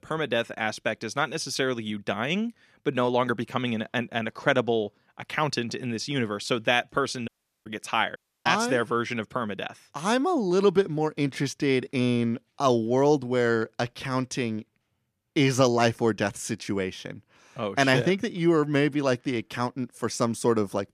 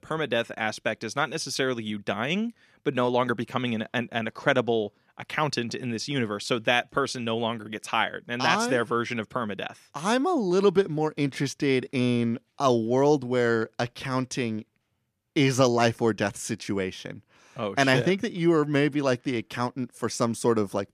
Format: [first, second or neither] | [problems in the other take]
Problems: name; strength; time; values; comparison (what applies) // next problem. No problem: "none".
second | audio cutting out; at 7.5 s and at 8 s